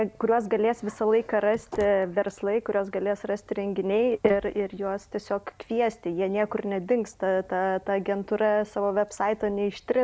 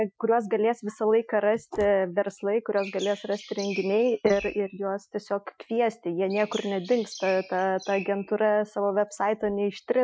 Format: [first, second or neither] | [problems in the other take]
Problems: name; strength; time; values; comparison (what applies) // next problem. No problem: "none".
first | noise reduction (classical method Wiener filter)